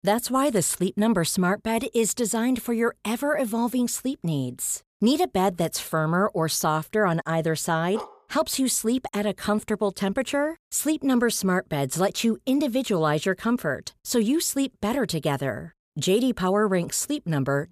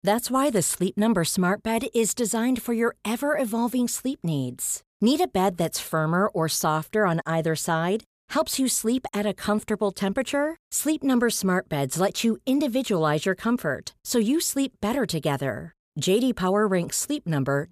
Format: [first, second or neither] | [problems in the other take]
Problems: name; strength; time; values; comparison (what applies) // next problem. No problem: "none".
second | dog barking; faint; at 8 s; peak 15 dB below the speech